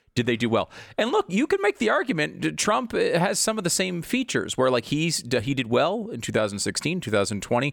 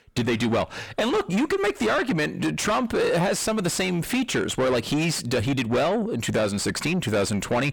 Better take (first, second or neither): first